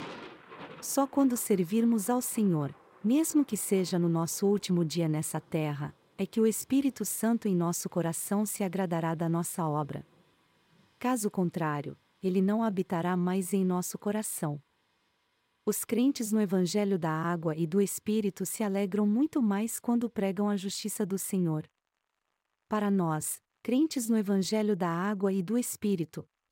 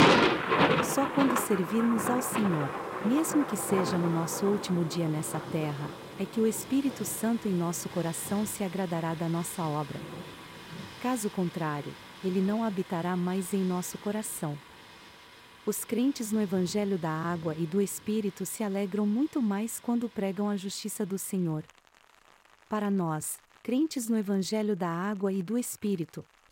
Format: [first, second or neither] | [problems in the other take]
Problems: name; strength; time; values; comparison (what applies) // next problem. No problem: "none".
first | rain or running water; loud; throughout; 3 dB below the speech; faint in the first